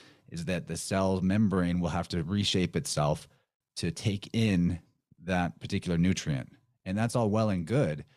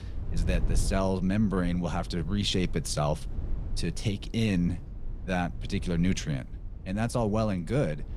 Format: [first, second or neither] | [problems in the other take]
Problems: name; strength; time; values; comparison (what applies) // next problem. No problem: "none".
first | low rumble; noticeable; throughout; 20 dB below the speech